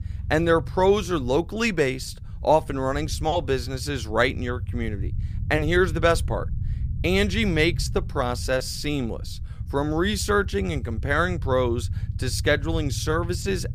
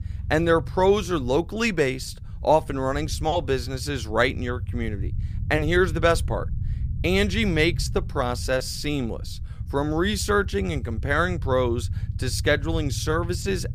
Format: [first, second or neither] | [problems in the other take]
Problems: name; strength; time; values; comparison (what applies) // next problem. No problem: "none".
neither | low rumble; faint; throughout; 25 dB below the speech; the same in both